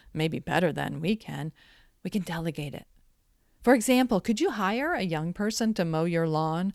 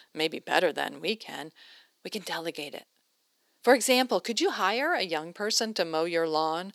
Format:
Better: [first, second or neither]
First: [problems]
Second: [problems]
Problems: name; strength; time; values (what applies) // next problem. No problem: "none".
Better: first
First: none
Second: thin; somewhat; fading below 350 Hz